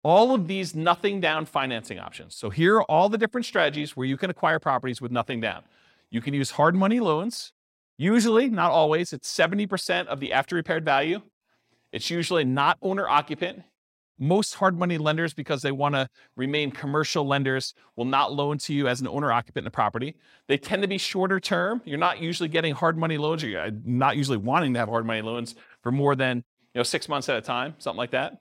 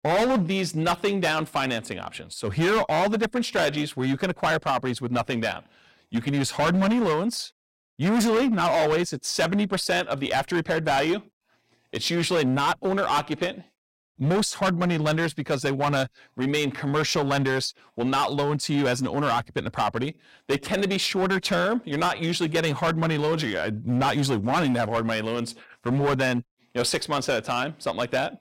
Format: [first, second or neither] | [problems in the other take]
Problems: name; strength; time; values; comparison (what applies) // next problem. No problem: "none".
first | distortion; heavy; 13% of the sound clipped